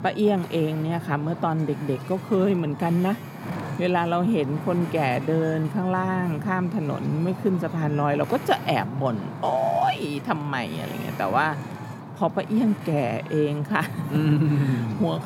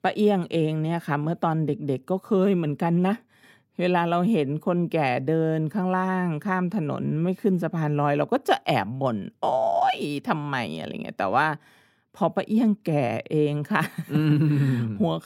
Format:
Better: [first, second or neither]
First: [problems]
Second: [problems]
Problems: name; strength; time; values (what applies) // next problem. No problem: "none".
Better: second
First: wind noise on the microphone; occasional gusts; 10 dB below the speech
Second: none